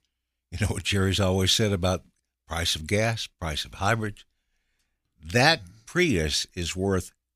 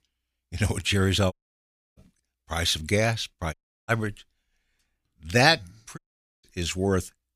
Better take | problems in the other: first | audio cutting out; at 1.5 s for 0.5 s, at 3.5 s and at 6 s

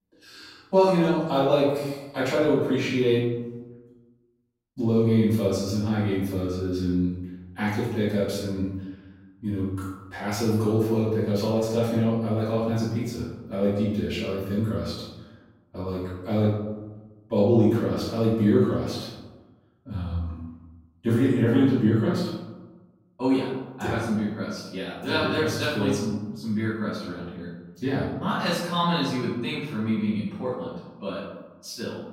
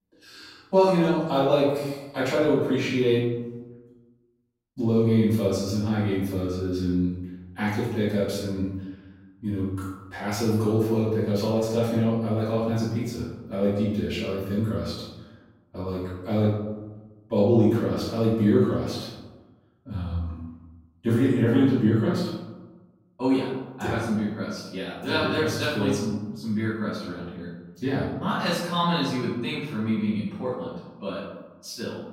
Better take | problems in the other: neither | room echo; noticeable; dies away in 1 s; the same in both // off-mic speech; far; the same in both

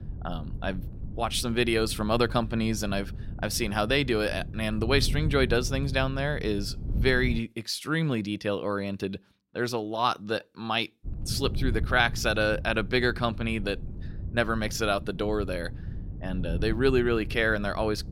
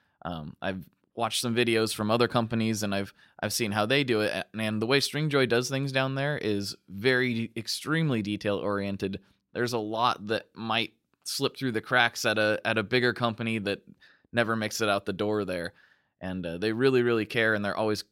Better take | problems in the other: second | wind noise on the microphone; occasional gusts; until 7.5 s and from 11 s on; 20 dB below the speech

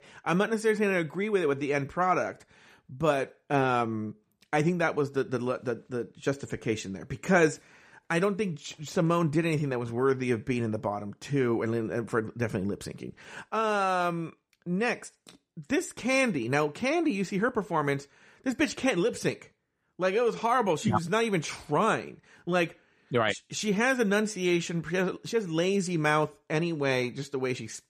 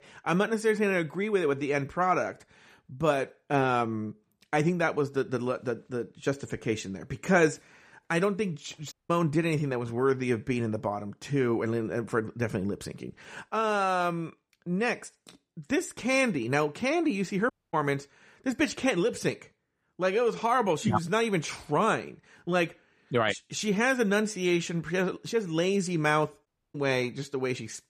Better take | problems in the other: first | audio cutting out; at 9 s, at 18 s and at 26 s

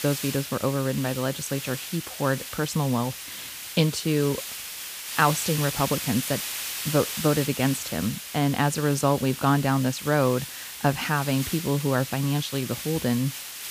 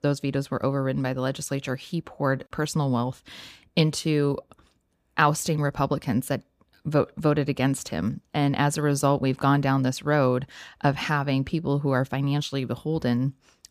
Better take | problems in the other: second | hiss; loud; throughout; 7 dB below the speech

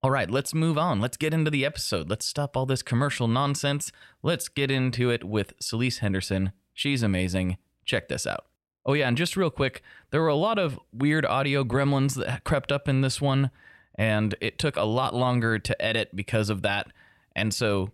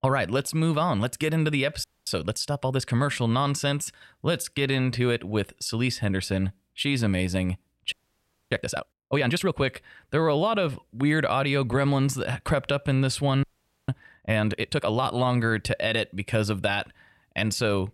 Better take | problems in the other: first | audio freezing; at 2 s, at 8 s for 0.5 s and at 13 s

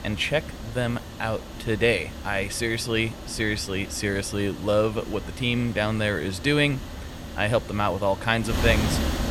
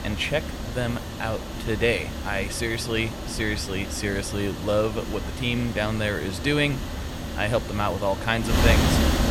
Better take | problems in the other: first | wind noise on the microphone; heavy; 6 dB below the speech; occasional gusts in the first

